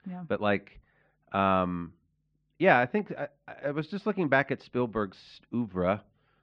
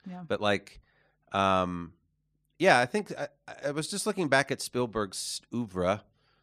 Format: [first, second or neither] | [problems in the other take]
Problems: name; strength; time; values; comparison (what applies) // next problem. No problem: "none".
second | muffled; very; fading above 3 kHz